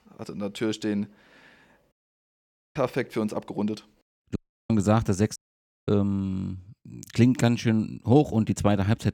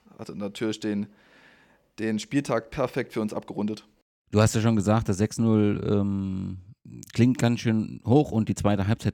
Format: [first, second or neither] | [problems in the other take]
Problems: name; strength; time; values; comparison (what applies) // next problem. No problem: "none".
second | audio cutting out; at 2 s for 1 s, at 4.5 s and at 5.5 s for 0.5 s